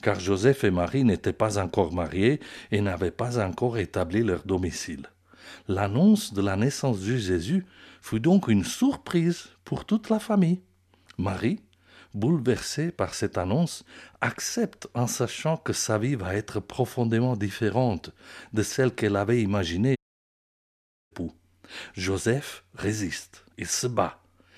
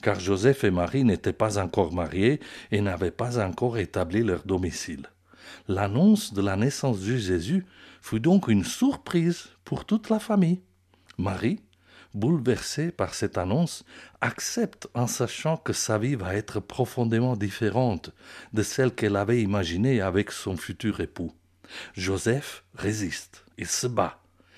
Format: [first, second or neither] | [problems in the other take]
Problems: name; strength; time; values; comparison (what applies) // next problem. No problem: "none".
second | audio cutting out; at 20 s for 1 s